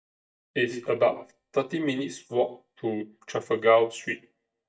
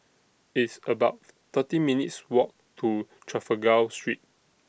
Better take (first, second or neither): second